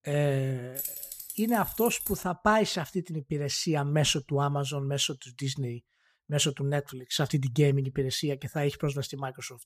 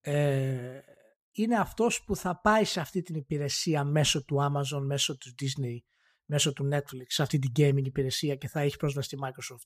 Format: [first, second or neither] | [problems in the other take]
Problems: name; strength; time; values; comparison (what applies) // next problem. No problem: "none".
second | jangling keys; noticeable; from 1 to 2 s; peak 5 dB below the speech